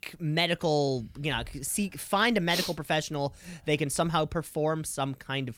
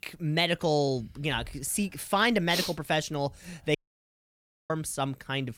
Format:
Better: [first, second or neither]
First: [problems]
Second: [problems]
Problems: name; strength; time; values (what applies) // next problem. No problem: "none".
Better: first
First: none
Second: audio cutting out; at 4 s for 1 s